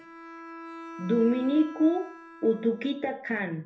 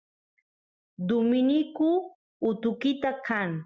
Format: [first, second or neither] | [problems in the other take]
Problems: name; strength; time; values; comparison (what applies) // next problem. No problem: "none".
second | background sound (Bowed string instrument); 17 dB below the speech // room echo; dies away in 0.3 s